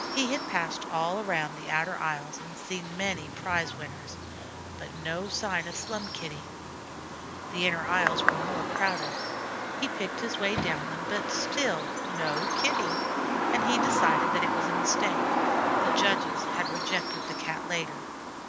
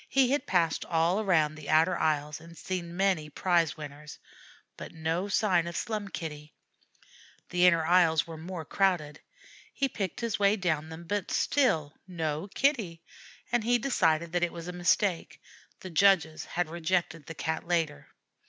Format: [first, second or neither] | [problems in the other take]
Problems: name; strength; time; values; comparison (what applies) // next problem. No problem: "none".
second | background sound (Bird vocalization, bird call, bird song); 2 dB above the speech